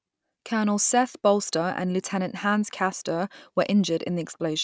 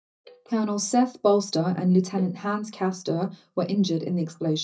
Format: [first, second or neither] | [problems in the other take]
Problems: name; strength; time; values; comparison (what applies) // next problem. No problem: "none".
first | noise reduction (neural mask model DeepFilterNet 3)